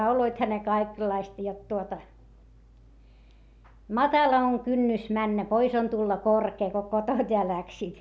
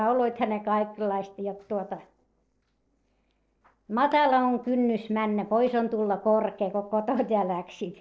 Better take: first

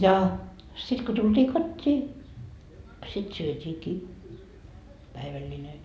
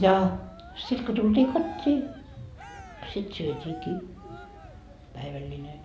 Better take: first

